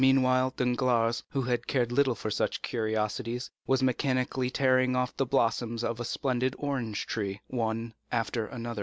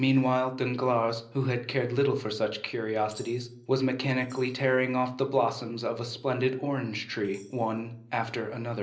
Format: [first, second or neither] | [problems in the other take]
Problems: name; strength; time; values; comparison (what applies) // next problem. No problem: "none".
first | noise reduction (neural separator model SepFormer DNS4)